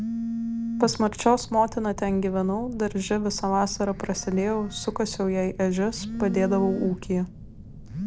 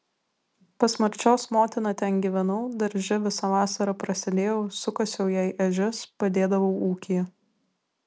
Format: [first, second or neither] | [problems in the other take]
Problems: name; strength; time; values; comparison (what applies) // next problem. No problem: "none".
second | background sound (Telephone); 9 dB below the speech